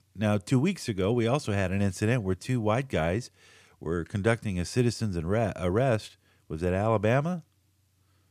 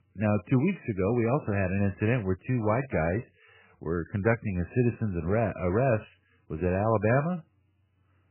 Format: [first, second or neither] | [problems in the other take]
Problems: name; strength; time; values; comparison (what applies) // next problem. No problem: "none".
first | garbled, watery; badly; nothing above 2.5 kHz